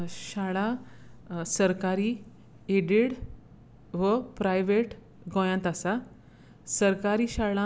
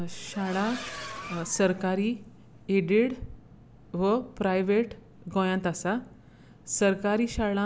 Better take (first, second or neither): first